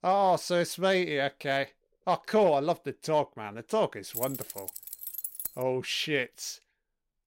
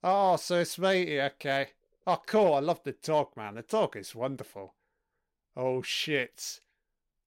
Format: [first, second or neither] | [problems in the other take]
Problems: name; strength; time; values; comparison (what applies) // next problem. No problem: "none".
second | jangling keys; noticeable; from 4 to 5.5 s; peak 5 dB below the speech